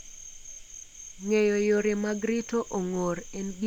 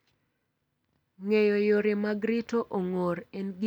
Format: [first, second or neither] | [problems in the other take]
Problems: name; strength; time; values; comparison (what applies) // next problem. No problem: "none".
second | background sound (Cricket); 16 dB below the speech